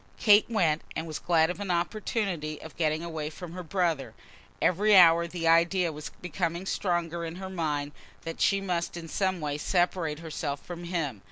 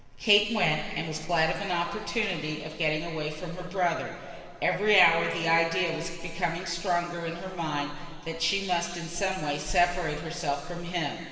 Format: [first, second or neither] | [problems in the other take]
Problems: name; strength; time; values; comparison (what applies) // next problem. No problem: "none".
first | room echo; dies away in 2.5 s